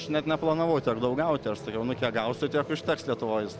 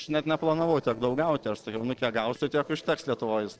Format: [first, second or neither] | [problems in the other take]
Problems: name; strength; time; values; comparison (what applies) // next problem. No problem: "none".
first | noise reduction (neural separator model SepFormer DNS4)